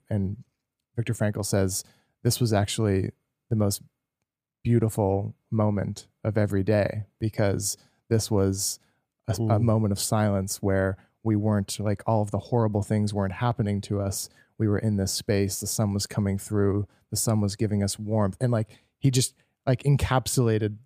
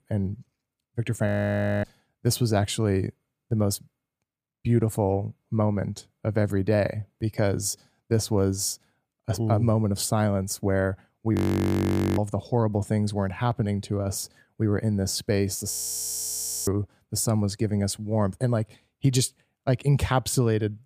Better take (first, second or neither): first